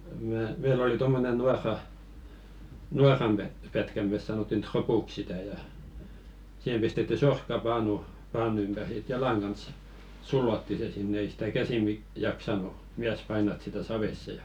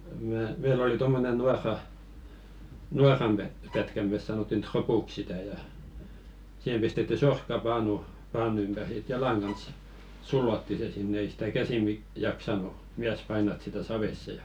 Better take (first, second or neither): first